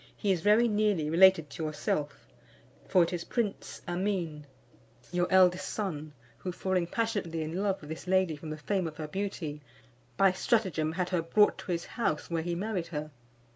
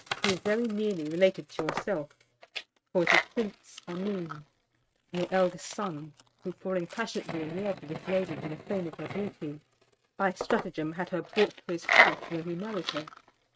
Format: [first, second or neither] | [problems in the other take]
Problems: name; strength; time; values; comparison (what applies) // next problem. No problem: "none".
first | noise reduction (neural mask model RNNoise)